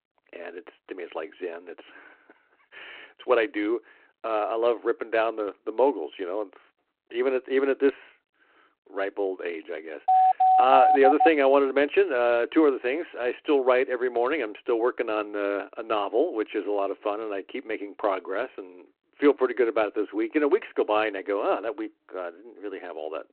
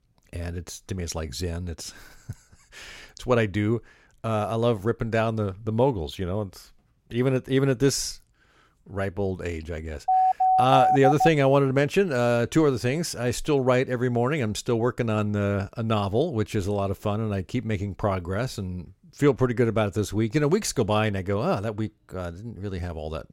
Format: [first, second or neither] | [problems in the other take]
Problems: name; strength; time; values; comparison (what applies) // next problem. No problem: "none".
second | phone-call audio